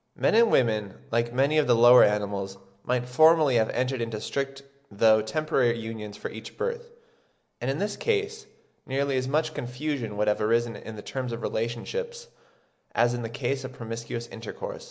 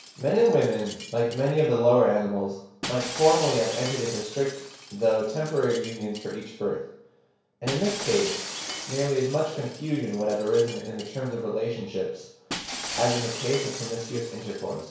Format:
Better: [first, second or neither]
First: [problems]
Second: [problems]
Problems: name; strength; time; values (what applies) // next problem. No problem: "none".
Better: first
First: none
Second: background sound (Shatter); 11 dB below the speech // room echo; dies away in 0.6 s